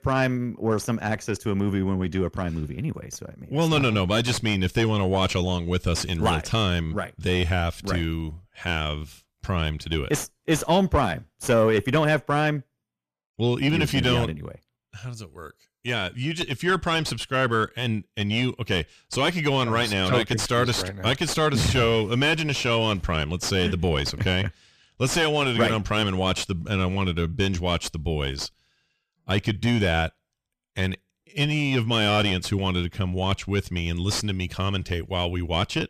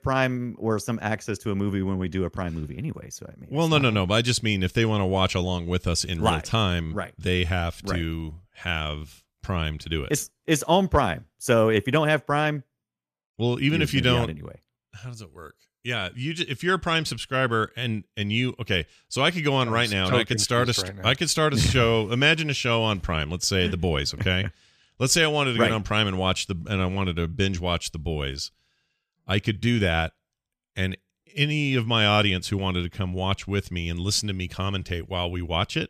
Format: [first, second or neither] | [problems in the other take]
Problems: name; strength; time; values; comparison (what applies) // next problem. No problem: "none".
second | distortion; slight; 9 dB below the speech